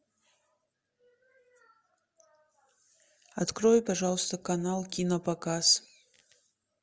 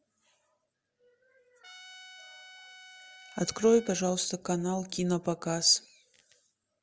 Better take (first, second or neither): first